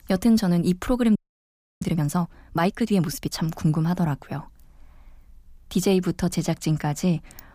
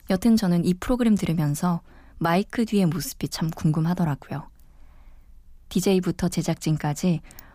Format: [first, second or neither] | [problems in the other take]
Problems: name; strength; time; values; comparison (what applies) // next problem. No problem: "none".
second | audio freezing; at 1 s for 0.5 s